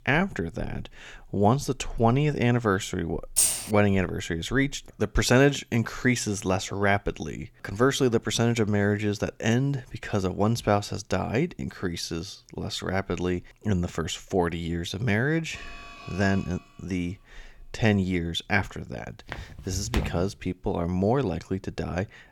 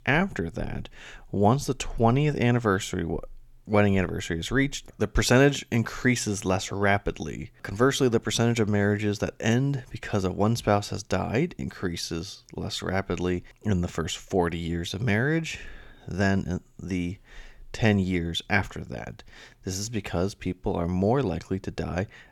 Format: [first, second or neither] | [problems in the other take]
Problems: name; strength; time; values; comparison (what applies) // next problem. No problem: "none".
second | jangling keys; loud; at 3.5 s; peak 5 dB above the speech // alarm; faint; from 16 to 17 s; peak 15 dB below the speech // footsteps; noticeable; at 19 s; peak 4 dB below the speech